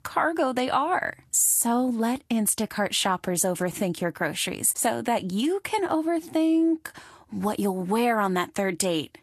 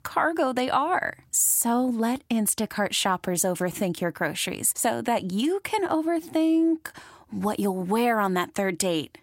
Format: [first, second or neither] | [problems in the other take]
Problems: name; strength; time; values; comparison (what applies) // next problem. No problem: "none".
second | garbled, watery; slightly; nothing above 12.5 kHz